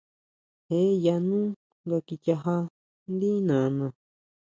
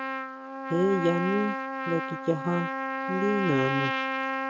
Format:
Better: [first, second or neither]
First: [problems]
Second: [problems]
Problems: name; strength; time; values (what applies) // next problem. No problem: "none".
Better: first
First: none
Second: background sound (Trumpet); 2 dB below the speech